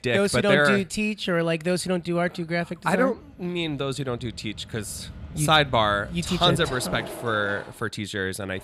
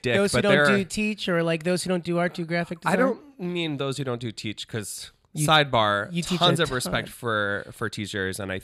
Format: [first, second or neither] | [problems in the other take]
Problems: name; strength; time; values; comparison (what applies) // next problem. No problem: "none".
second | machinery noise; noticeable; throughout; 15 dB below the speech